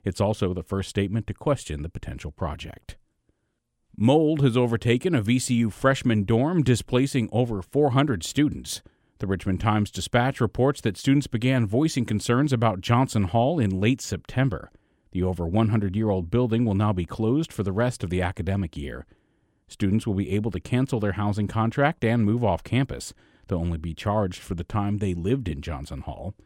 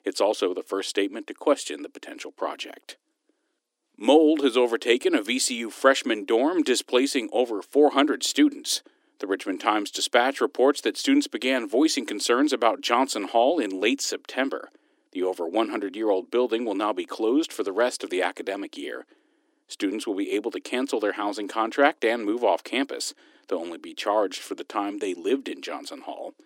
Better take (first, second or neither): first